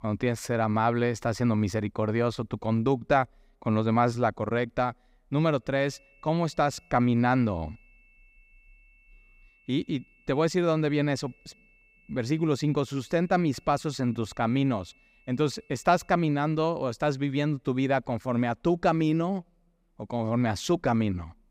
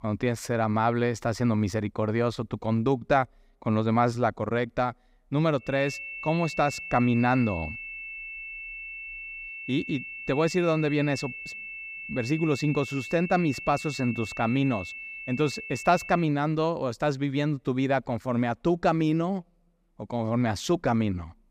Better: first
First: high-pitched whine; faint; from 5.5 to 16 s; 2.5 kHz, 35 dB below the speech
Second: high-pitched whine; loud; from 5.5 to 16 s; 2.5 kHz, 9 dB below the speech

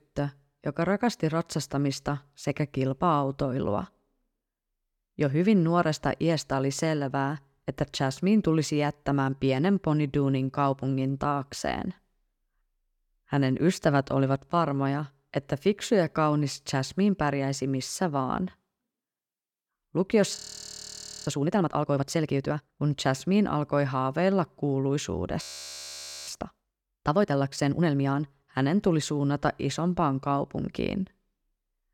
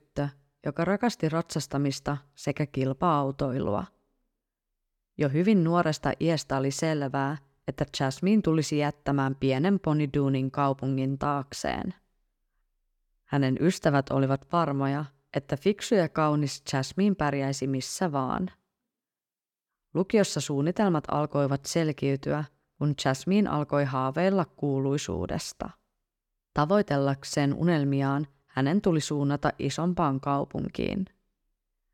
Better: second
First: audio freezing; at 20 s for 1 s and at 25 s for 1 s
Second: none

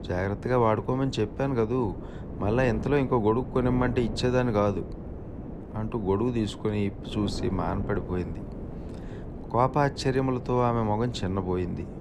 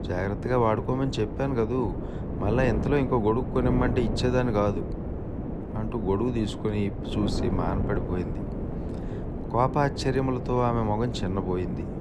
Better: first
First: wind noise on the microphone; occasional gusts; 15 dB below the speech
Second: wind noise on the microphone; heavy; 9 dB below the speech

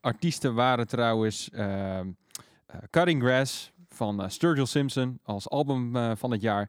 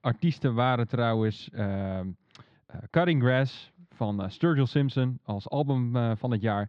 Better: first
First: none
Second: muffled; slightly; fading above 4 kHz

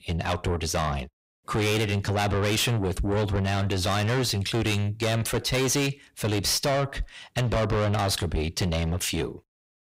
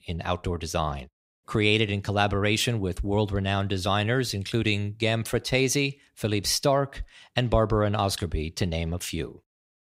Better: second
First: distortion; heavy; 5 dB below the speech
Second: none

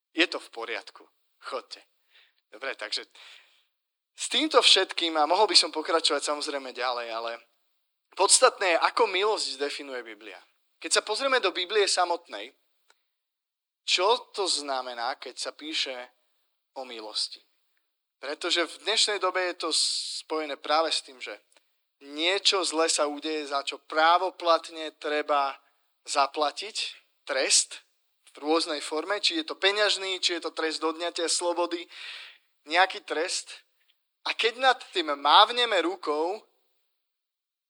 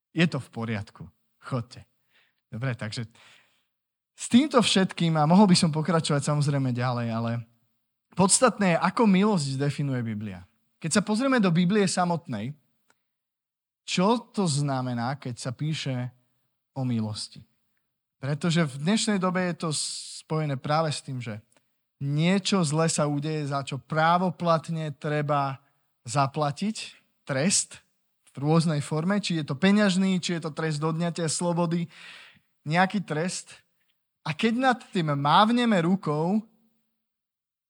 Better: second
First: thin; very; fading below 300 Hz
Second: none

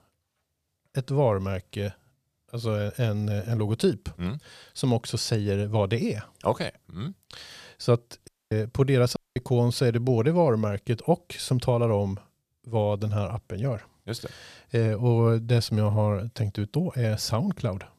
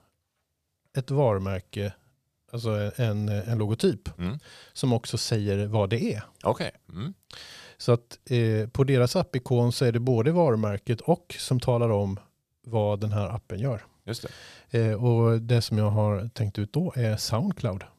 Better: second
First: audio cutting out; at 8.5 s and at 9 s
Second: none

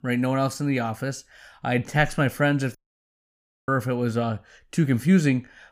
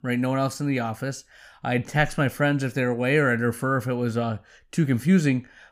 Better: second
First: audio cutting out; at 3 s for 1 s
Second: none

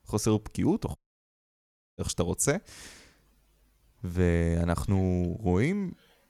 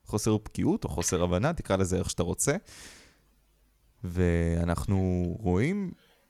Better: second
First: audio cutting out; at 1 s for 1 s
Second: none

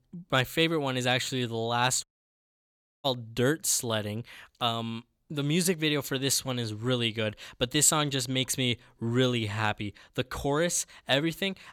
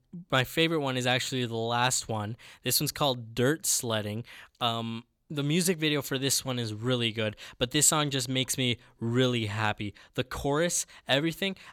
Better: second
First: audio cutting out; at 2 s for 1 s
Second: none

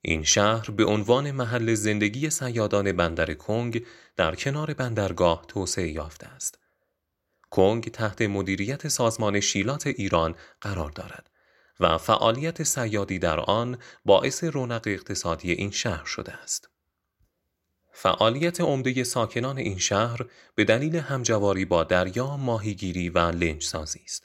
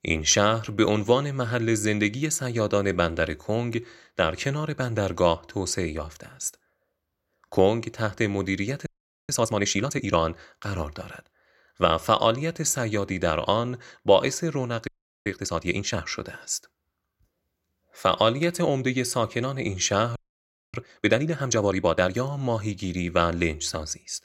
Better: first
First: none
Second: audio freezing; at 9 s, at 15 s and at 20 s for 0.5 s

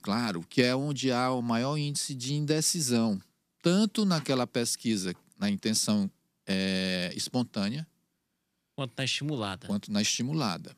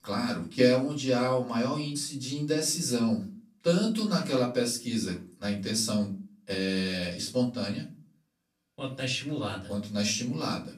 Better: first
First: none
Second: off-mic speech; far // room echo; slight; dies away in 0.3 s

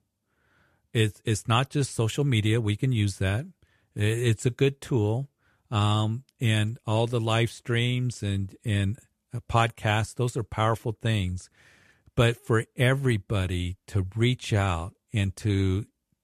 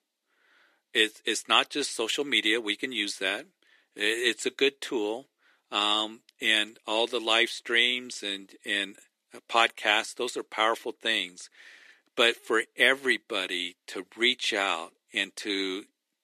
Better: first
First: none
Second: thin; very; fading below 300 Hz

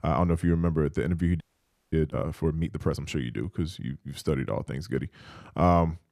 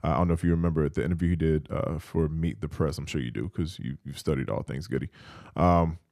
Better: second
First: audio freezing; at 1.5 s for 0.5 s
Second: none

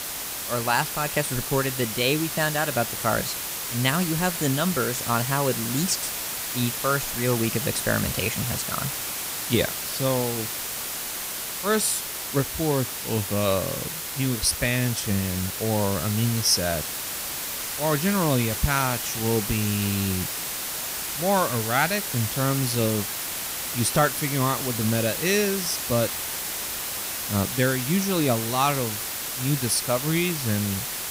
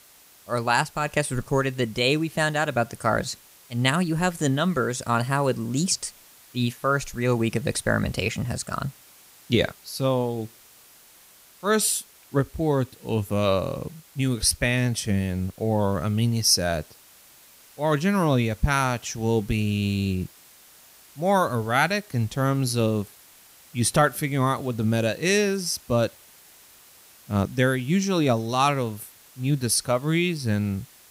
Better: second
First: hiss; loud; throughout; 3 dB below the speech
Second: hiss; faint; throughout; 25 dB below the speech

